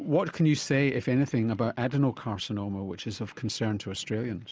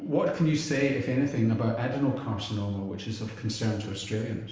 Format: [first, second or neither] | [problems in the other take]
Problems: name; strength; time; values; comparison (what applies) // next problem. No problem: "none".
first | room echo; dies away in 0.9 s